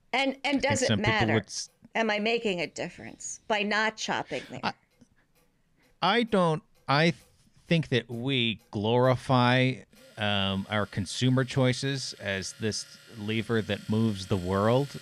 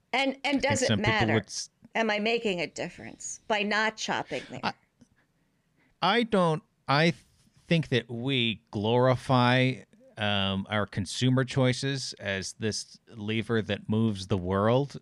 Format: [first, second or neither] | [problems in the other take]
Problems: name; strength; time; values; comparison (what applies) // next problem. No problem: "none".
second | household noises; faint; throughout; 25 dB below the speech